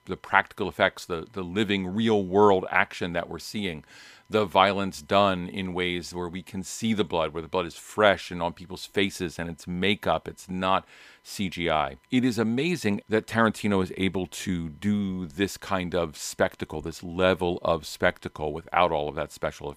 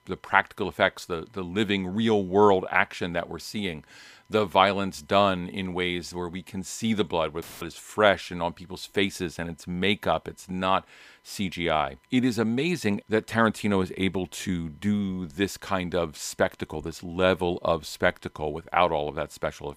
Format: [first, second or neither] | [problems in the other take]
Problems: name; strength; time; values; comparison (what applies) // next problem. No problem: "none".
first | audio cutting out; filled with static; at 7.5 s